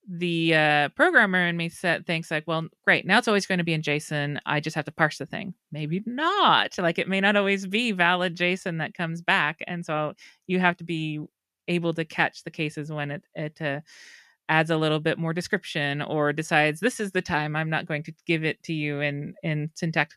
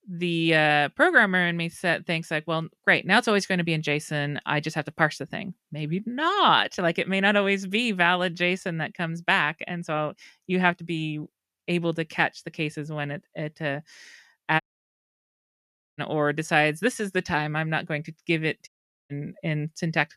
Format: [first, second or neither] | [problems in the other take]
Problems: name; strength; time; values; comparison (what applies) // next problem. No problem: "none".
first | audio cutting out; at 15 s for 1.5 s and at 19 s